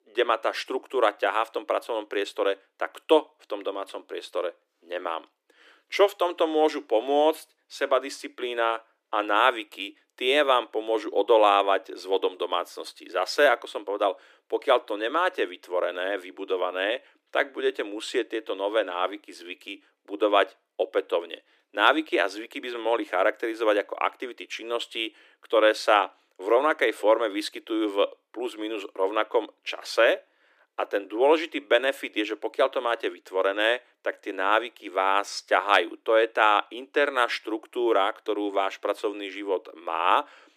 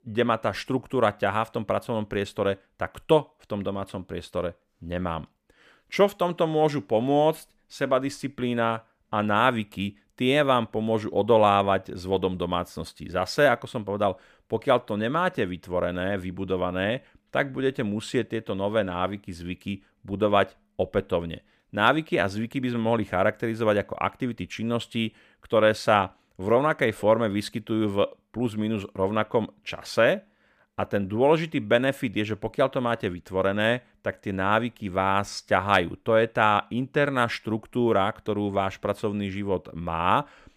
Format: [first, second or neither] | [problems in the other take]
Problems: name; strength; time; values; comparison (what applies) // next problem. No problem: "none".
second | thin; very; fading below 300 Hz